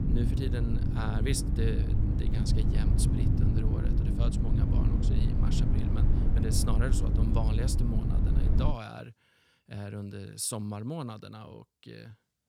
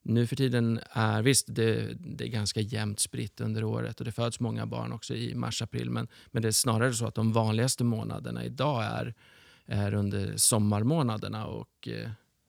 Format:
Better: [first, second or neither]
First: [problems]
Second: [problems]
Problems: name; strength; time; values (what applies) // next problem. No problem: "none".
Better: second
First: low rumble; loud; until 8.5 s; as loud as the speech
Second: none